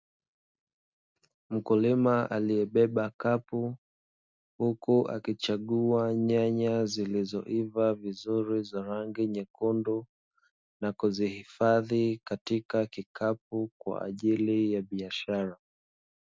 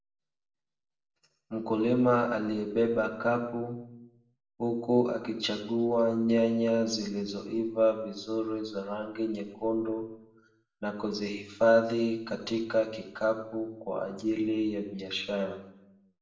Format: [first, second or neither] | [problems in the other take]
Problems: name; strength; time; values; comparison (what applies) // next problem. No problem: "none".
first | room echo; dies away in 0.7 s